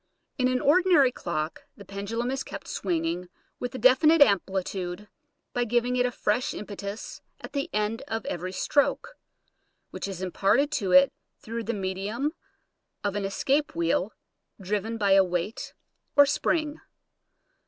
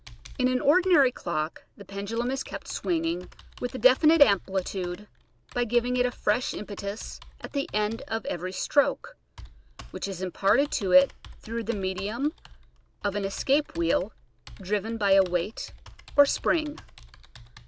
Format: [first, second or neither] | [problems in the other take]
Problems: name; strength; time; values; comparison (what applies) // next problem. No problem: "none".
first | background sound (Computer keyboard); 19 dB below the speech